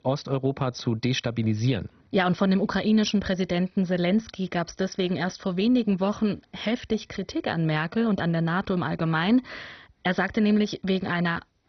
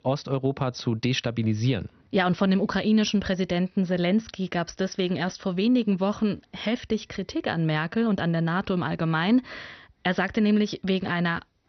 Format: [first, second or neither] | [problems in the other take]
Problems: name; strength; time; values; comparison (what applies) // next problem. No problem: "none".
second | garbled, watery; badly; nothing above 6 kHz; slightly in the second